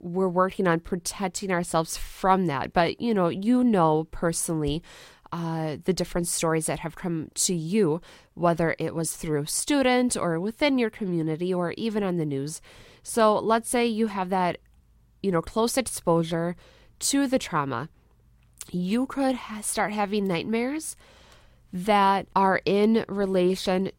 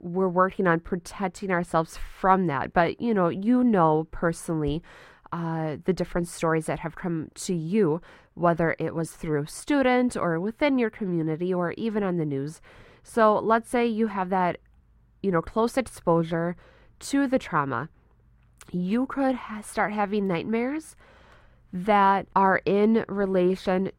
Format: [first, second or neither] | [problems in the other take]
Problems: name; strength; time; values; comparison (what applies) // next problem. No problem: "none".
first | muffled; slightly; fading above 3 kHz